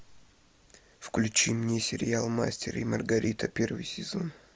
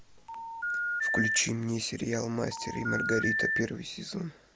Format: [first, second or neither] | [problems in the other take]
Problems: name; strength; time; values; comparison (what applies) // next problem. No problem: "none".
first | background sound (Telephone); as loud as the speech